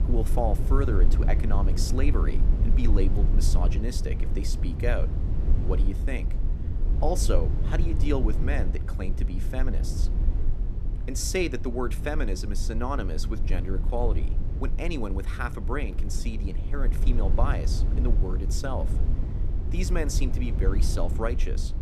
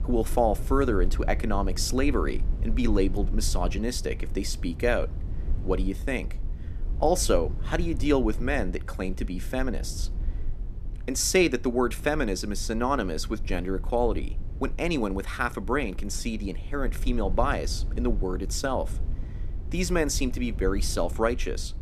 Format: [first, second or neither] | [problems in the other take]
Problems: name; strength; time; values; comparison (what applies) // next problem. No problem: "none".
second | low rumble; loud; throughout; 9 dB below the speech; faint in the second